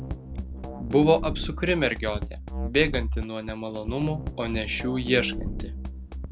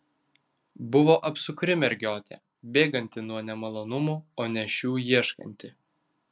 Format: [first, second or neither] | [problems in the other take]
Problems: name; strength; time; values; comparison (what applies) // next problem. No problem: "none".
second | background sound (Drum kit); 5 dB below the speech